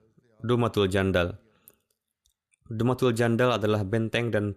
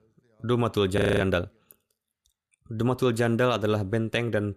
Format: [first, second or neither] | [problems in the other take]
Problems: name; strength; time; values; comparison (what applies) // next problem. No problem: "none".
first | audio freezing; at 1 s